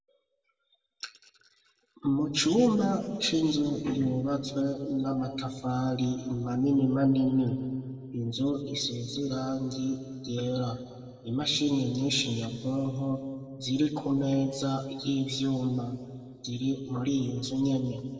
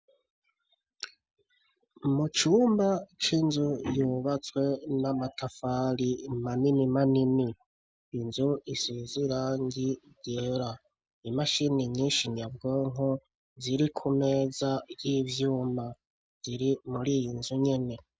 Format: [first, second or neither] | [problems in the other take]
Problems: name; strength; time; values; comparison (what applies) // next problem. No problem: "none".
second | room echo; dies away in 1.8 s